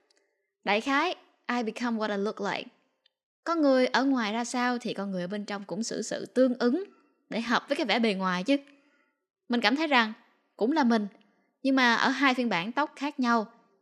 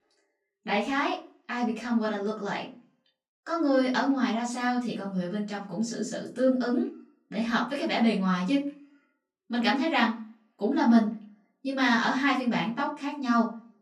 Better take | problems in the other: first | off-mic speech; far // room echo; slight; dies away in 0.3 s

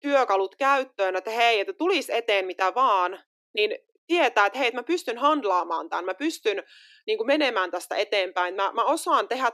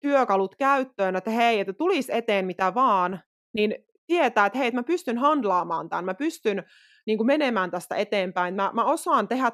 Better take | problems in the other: second | thin; somewhat; fading below 300 Hz

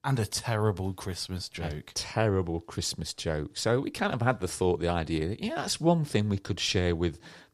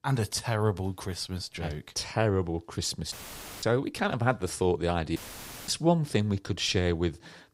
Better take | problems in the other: first | audio cutting out; filled with static; at 3 s for 0.5 s and at 5 s for 0.5 s

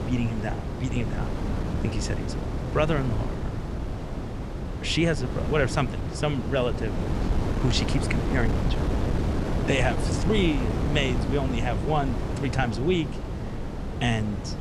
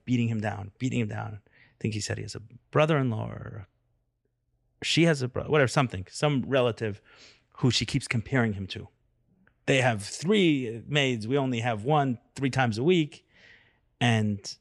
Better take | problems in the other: second | wind noise on the microphone; heavy; 6 dB below the speech

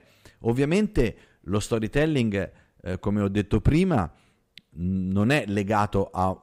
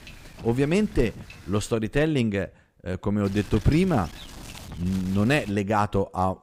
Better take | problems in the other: first | wind noise on the microphone; occasional gusts; until 1.5 s and from 3 to 5.5 s; 15 dB below the speech

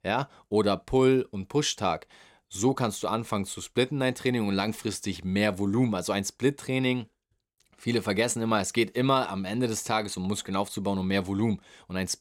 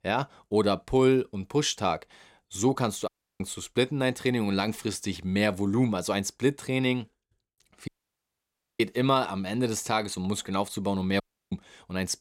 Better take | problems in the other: first | audio cutting out; at 3 s, at 8 s for 1 s and at 11 s

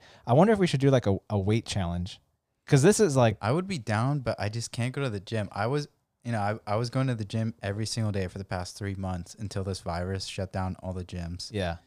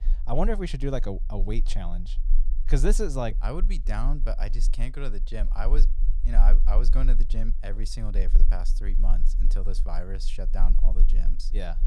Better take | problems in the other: first | low rumble; noticeable; throughout; 20 dB below the speech

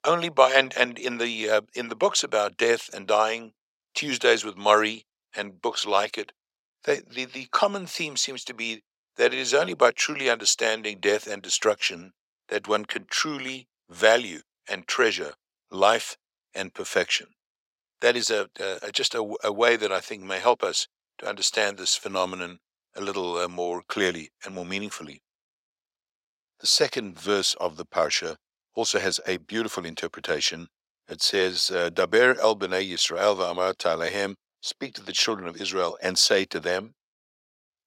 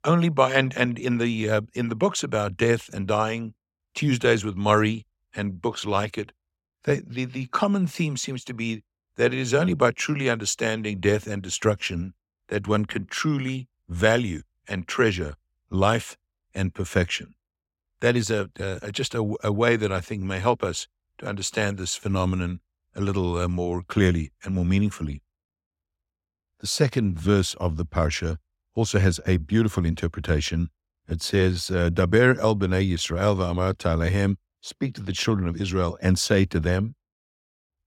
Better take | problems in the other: second | thin; very; fading below 500 Hz

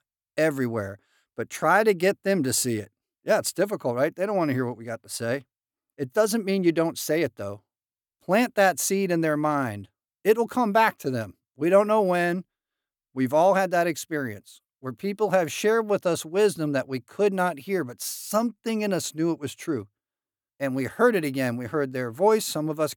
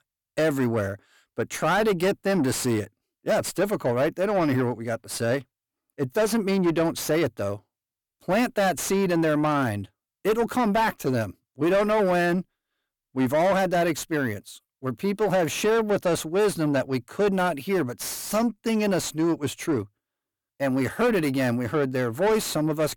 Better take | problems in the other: first | distortion; heavy; 8 dB below the speech

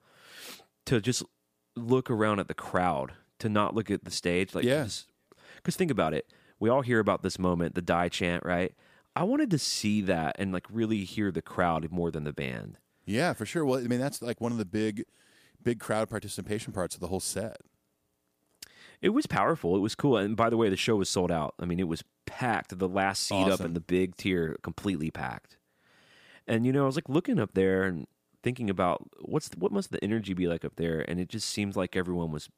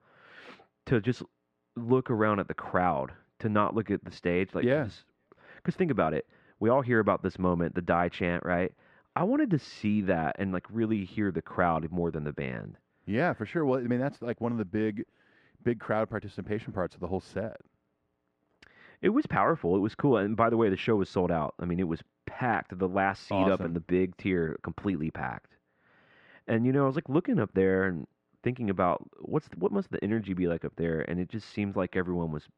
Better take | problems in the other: first | muffled; very; fading above 2 kHz

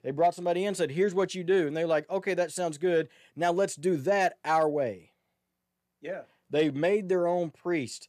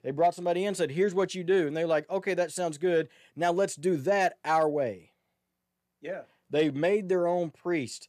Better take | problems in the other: neither | none

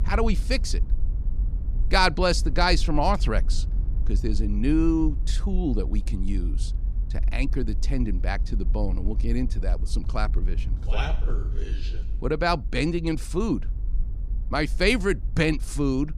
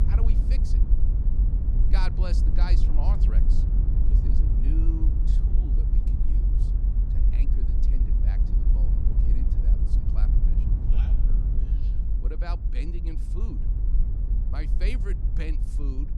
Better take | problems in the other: first | low rumble; loud; throughout; 1 dB below the speech; faint in the first

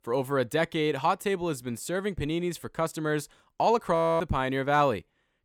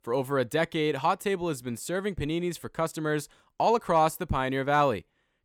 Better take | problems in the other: second | audio freezing; at 4 s

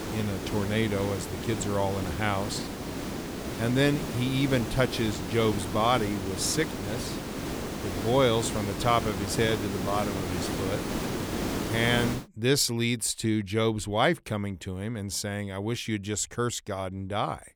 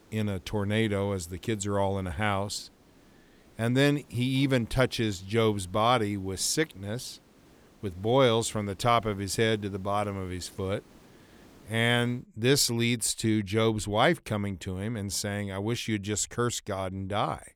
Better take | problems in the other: second | hiss; loud; until 12 s; 5 dB below the speech; faint in the second

